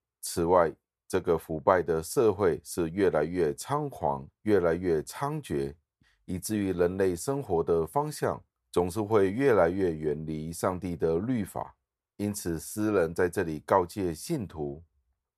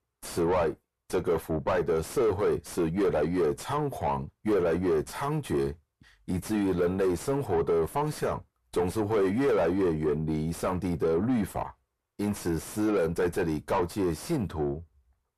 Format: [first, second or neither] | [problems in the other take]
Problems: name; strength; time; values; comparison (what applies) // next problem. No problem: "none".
first | distortion; heavy; 5 dB below the speech